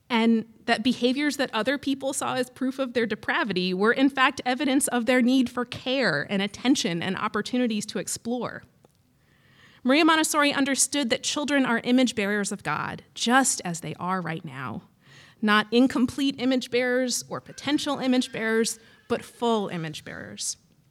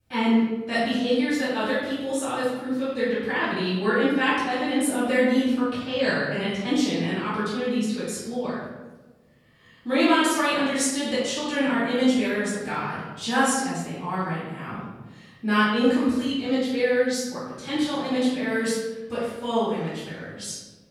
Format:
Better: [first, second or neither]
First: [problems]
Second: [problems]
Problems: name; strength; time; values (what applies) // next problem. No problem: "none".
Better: first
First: none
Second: off-mic speech; far // room echo; strong; dies away in 1.1 s